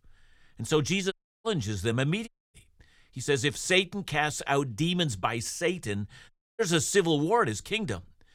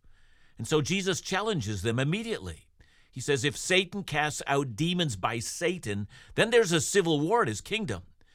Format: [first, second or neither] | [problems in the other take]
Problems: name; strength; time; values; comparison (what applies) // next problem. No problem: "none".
second | audio cutting out; at 1 s, at 2.5 s and at 6.5 s